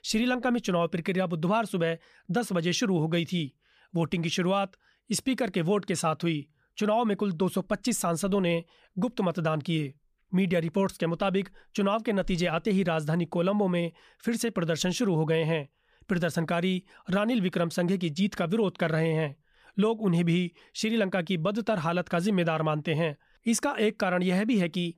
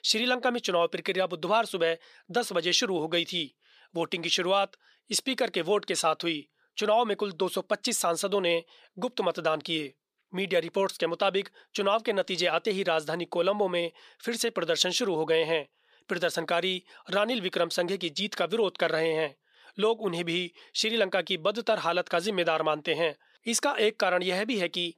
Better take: first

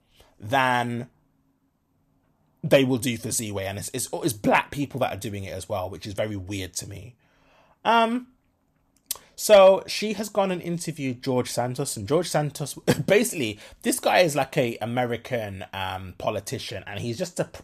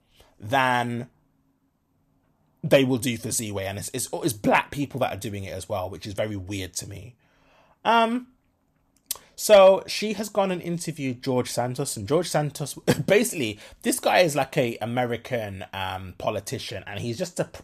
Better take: neither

